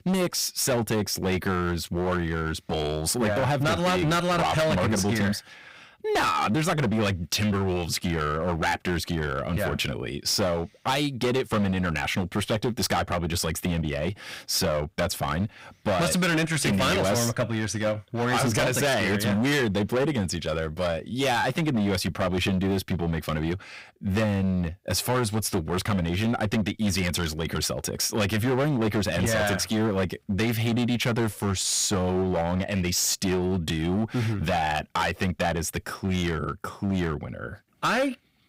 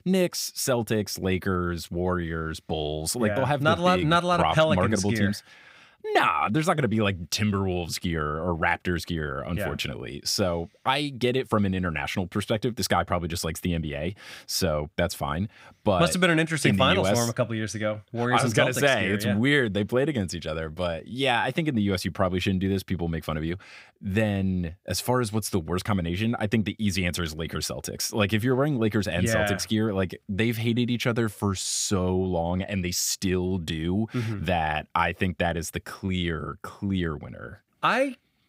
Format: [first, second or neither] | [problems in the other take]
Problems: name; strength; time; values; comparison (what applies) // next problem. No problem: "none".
second | distortion; heavy; 17% of the sound clipped